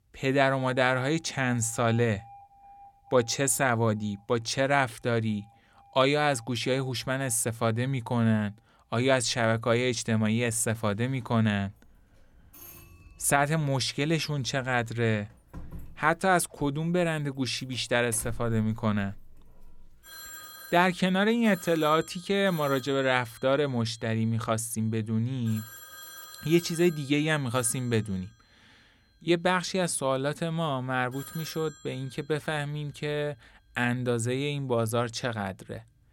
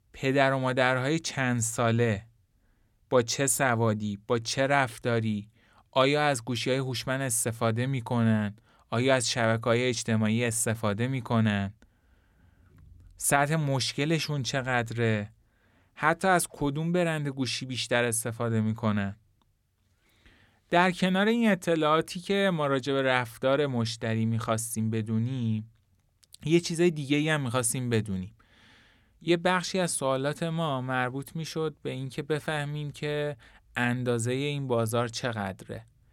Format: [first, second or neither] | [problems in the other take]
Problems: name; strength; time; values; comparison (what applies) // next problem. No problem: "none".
second | alarms or sirens; faint; throughout; 20 dB below the speech